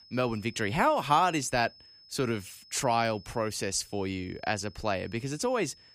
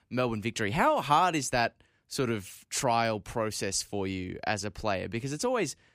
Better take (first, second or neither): second